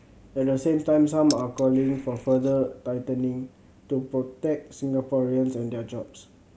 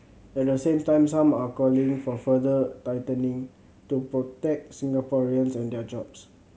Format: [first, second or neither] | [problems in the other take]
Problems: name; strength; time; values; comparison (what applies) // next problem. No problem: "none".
second | background sound (Keys jangling); 16 dB below the speech